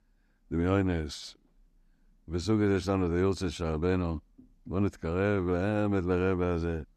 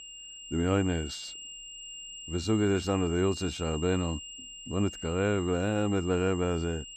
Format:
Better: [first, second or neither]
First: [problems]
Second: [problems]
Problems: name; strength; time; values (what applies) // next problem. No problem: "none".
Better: first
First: none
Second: high-pitched whine; noticeable; throughout; 3 kHz, 10 dB below the speech